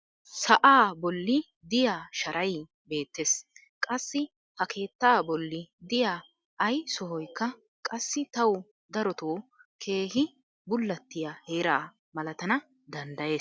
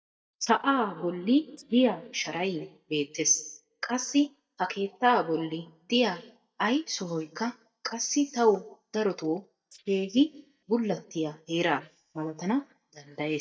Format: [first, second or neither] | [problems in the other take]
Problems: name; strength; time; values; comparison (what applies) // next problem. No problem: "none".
first | noise reduction (neural mask model DeepFilterNet 3)